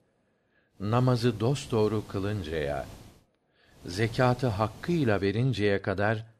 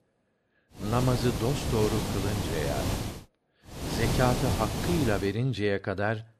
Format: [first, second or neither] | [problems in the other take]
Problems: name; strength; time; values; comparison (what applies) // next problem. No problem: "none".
first | hiss; loud; from 1 to 3 s and from 4 to 5 s; 2 dB below the speech; faint in the first